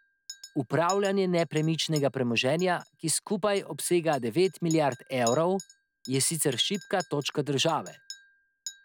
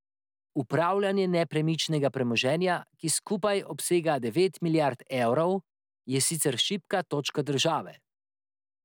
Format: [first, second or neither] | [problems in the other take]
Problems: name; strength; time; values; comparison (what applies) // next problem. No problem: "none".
second | background sound (Chink, clink); 19 dB below the speech